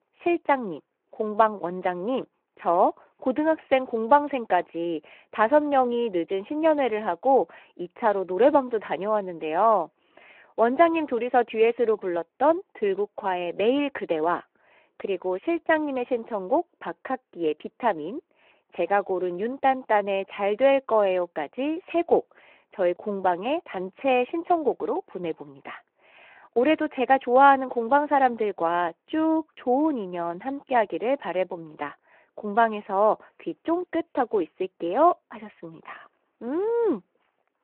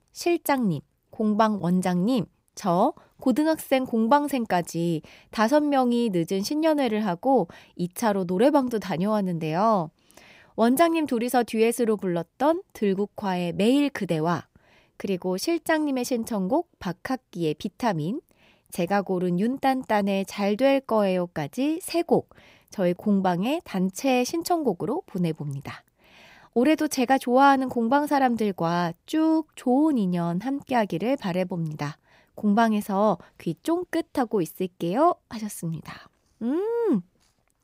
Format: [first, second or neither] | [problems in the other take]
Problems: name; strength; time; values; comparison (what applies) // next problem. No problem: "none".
second | phone-call audio